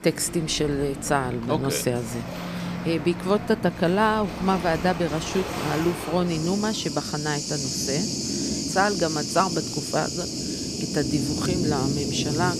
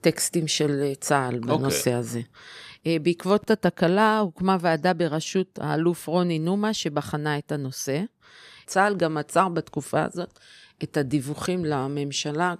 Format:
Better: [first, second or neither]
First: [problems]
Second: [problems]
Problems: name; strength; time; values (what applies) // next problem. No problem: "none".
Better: second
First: rain or running water; loud; throughout; 4 dB below the speech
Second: none